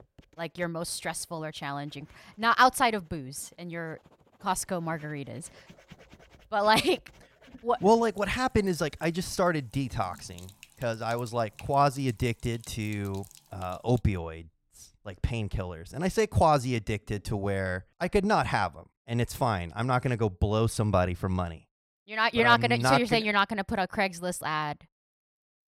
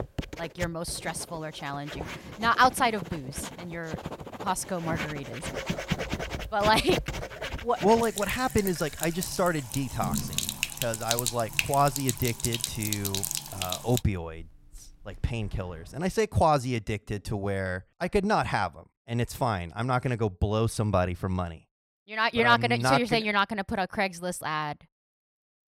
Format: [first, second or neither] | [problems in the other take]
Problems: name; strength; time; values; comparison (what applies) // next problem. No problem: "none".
first | household noises; loud; until 16 s; 5 dB below the speech; faint in the first